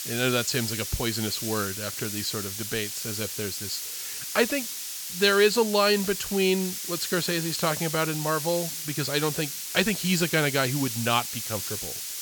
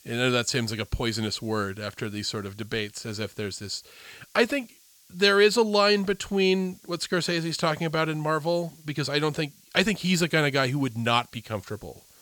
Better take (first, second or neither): second